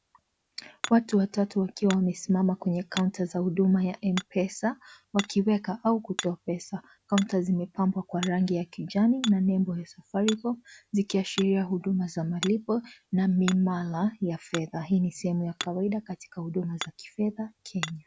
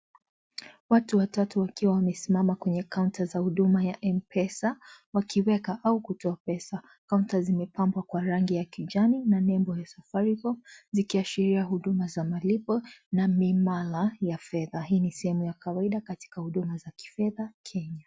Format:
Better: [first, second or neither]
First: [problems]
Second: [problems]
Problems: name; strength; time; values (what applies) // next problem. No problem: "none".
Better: second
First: background sound (Hammer); 16 dB below the speech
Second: none